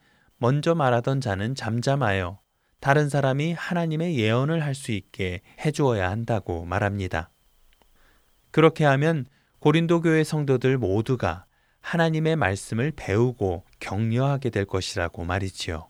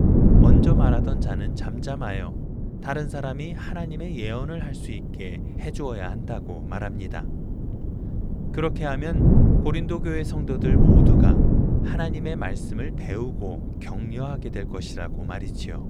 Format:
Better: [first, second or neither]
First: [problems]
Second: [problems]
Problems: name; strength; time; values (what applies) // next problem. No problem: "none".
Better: first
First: none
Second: wind noise on the microphone; heavy; 1 dB above the speech